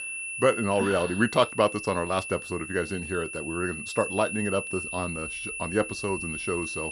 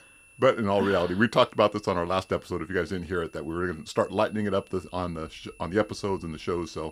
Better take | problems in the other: second | high-pitched whine; loud; throughout; 2.5 kHz, 6 dB below the speech; faint in the second

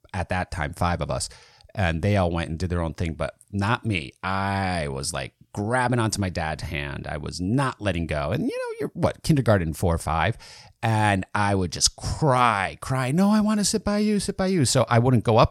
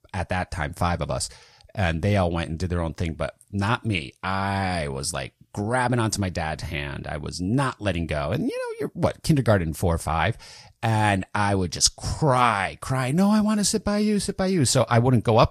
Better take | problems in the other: first | garbled, watery; slightly

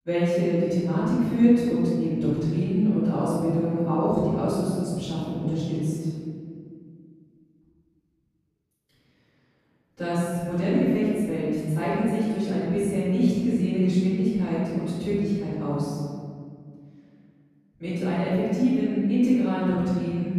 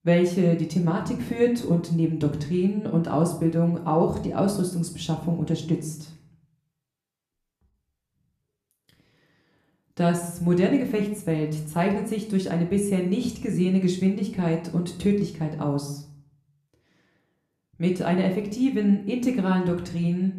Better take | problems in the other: second | room echo; strong; dies away in 2.1 s; slight in the second // off-mic speech; far; somewhat distant in the second

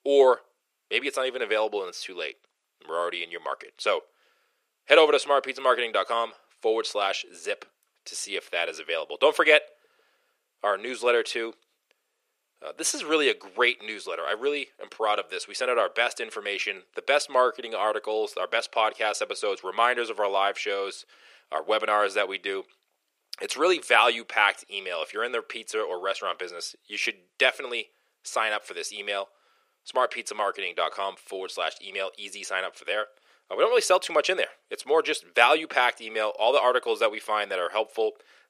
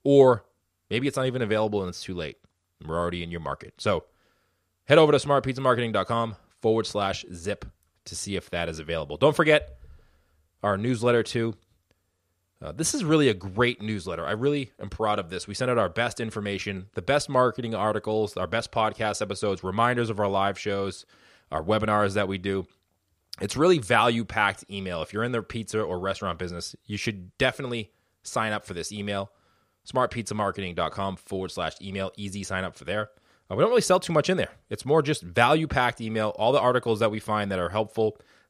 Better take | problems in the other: second | thin; very; fading below 400 Hz

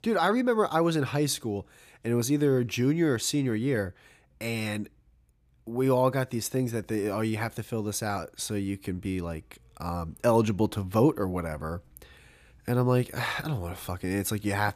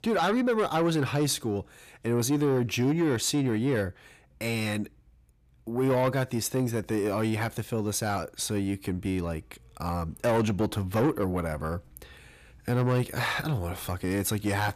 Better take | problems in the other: first | distortion; slight; 10 dB below the speech

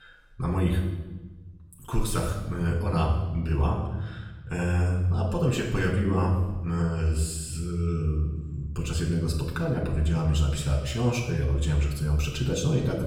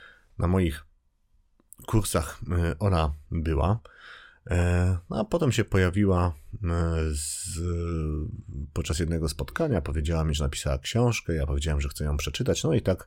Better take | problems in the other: second | off-mic speech; far // room echo; noticeable; dies away in 1.1 s

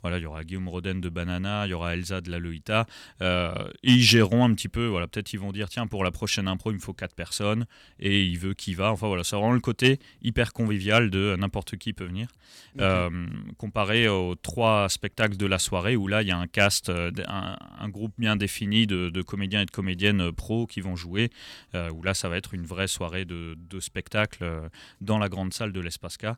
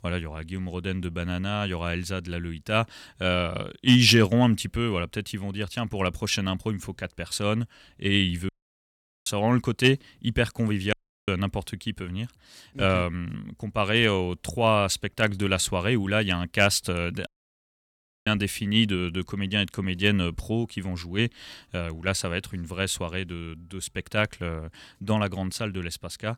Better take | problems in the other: first | audio cutting out; at 8.5 s for 1 s, at 11 s and at 17 s for 1 s

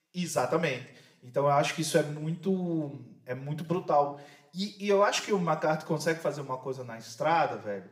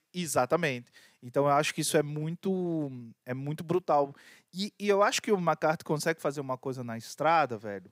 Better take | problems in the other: second | room echo; slight; dies away in 0.5 s // off-mic speech; somewhat distant

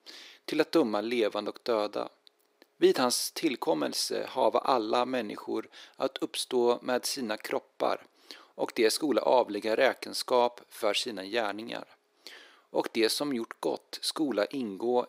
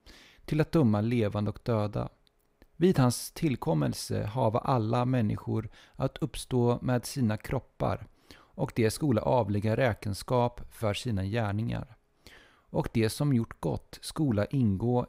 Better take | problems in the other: second | thin; somewhat; fading below 350 Hz

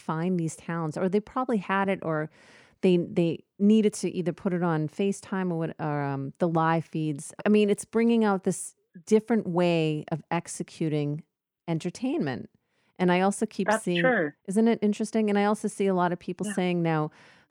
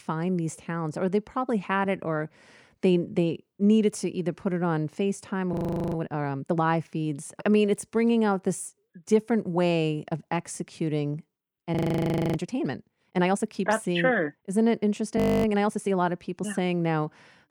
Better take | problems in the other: first | audio freezing; at 5.5 s, at 12 s for 0.5 s and at 15 s

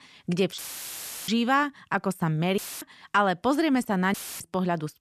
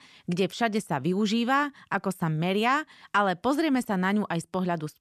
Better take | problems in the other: second | audio cutting out; filled with static; at 0.5 s for 0.5 s, at 2.5 s and at 4 s

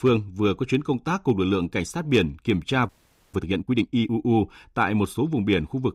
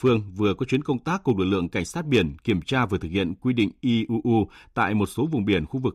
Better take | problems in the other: second | audio freezing; at 3 s

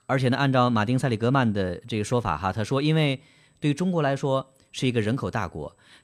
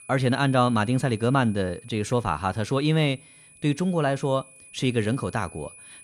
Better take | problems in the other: first | high-pitched whine; faint; throughout; 10 kHz, 20 dB below the speech

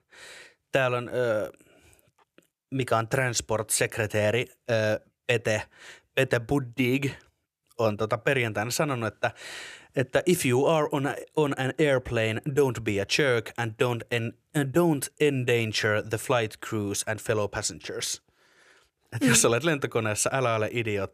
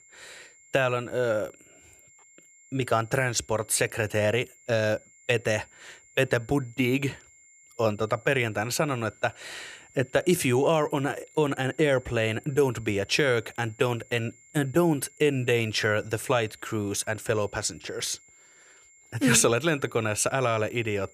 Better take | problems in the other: first | high-pitched whine; faint; throughout; 7.5 kHz, 25 dB below the speech

